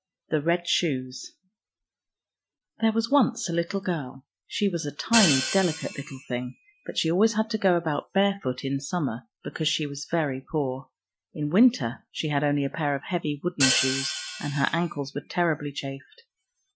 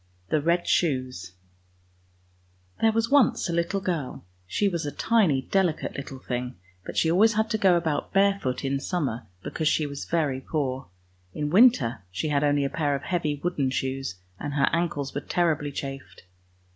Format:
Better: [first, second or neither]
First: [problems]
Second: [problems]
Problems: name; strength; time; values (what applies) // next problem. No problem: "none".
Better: second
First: noise reduction (classical method Wiener filter)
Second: none